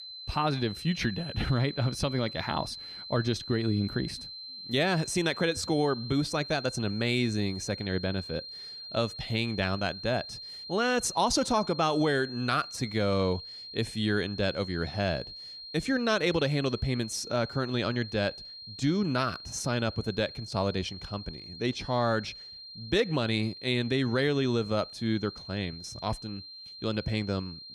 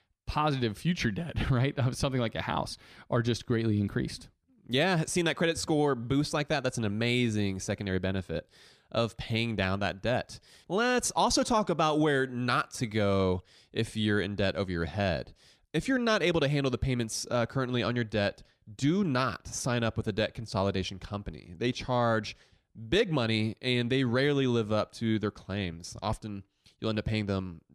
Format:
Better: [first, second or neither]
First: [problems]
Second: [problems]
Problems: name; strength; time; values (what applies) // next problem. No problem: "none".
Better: second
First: high-pitched whine; noticeable; throughout; 4 kHz, 10 dB below the speech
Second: none